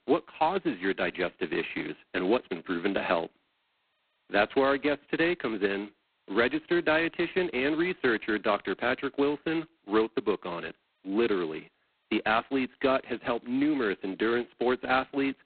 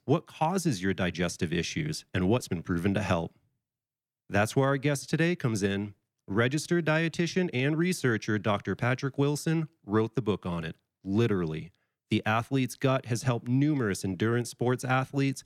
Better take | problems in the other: second | phone-call audio; poor line; nothing above 4 kHz

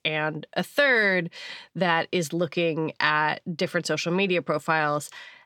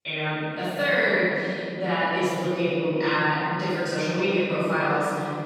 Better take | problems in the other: first | off-mic speech; far // room echo; strong; dies away in 3 s

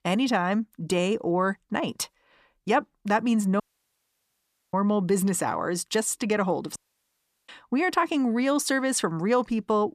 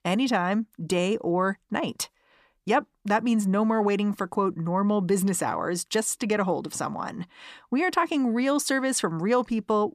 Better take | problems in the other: second | audio cutting out; at 3.5 s for 1 s and at 7 s for 0.5 s

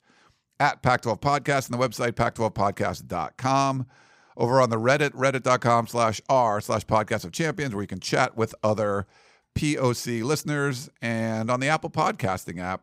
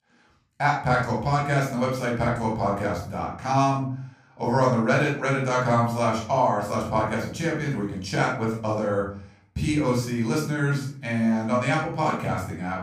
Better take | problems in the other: first | off-mic speech; far // room echo; noticeable; dies away in 0.5 s

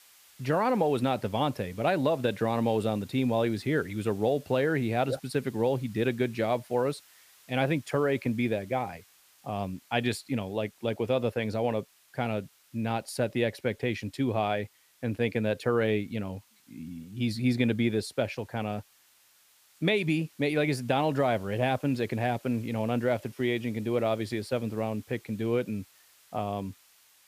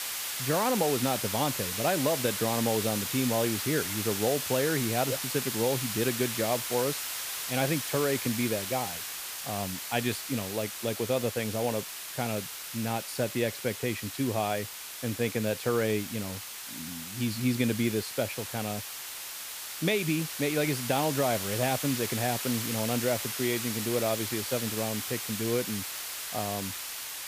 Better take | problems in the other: first | hiss; loud; throughout; 3 dB below the speech; faint in the first

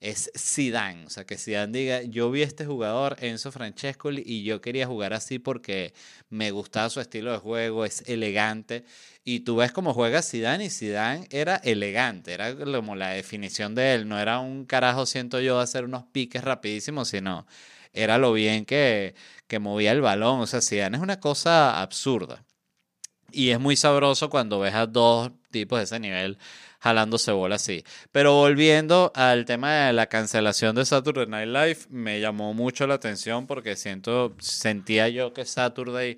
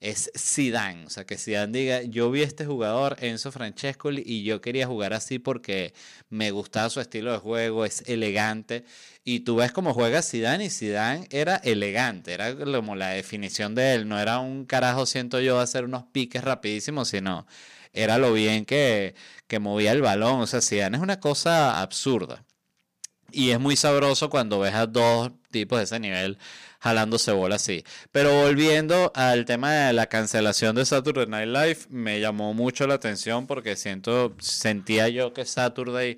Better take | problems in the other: first | distortion; slight; 4% of the sound clipped

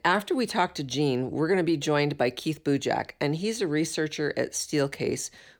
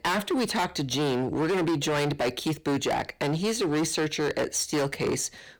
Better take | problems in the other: first | distortion; heavy; 21% of the sound clipped

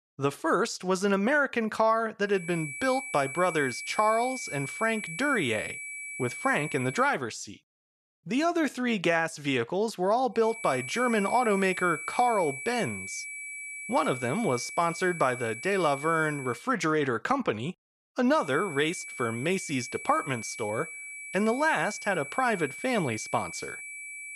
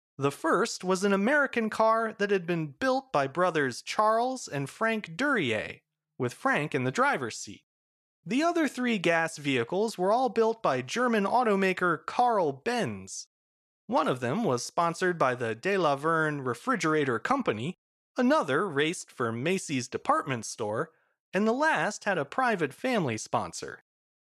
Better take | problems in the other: second | high-pitched whine; loud; from 2.5 to 7 s, from 11 to 17 s and from 18 s on; 2.5 kHz, 9 dB below the speech

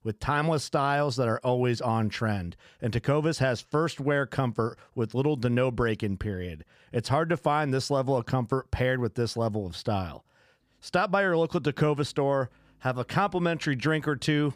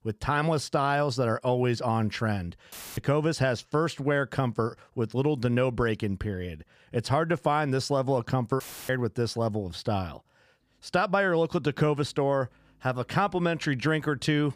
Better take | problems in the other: first | audio cutting out; filled with static; at 2.5 s and at 8.5 s

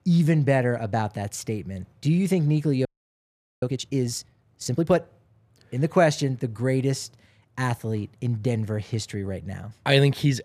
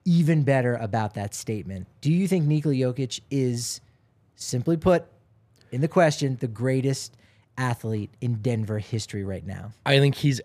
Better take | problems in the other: second | audio freezing; at 3 s for 1 s

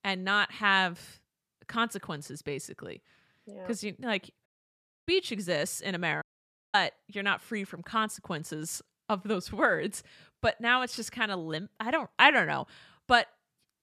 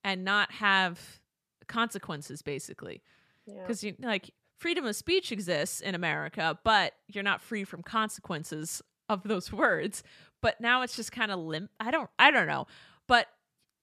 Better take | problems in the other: second | audio cutting out; at 4.5 s for 0.5 s and at 6 s for 0.5 s

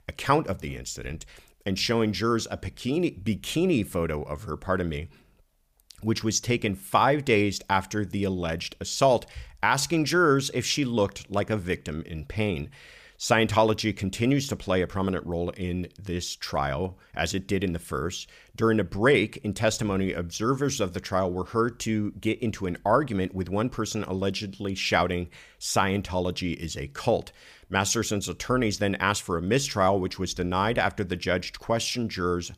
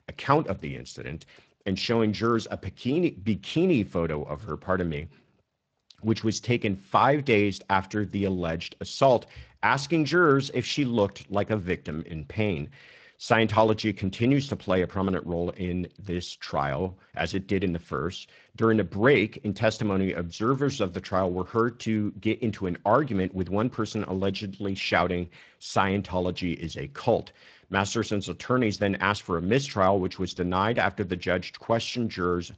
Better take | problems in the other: first | garbled, watery; slightly; nothing above 7.5 kHz

